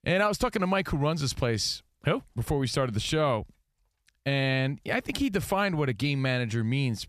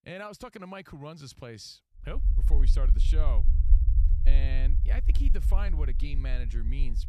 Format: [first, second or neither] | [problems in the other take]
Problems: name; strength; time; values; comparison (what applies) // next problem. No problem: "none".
first | low rumble; loud; from 2 s on; 7 dB below the speech